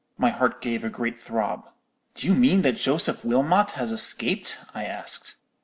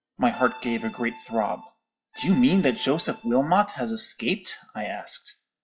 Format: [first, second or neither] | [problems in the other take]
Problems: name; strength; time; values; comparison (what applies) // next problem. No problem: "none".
first | noise reduction (classical method log-MMSE)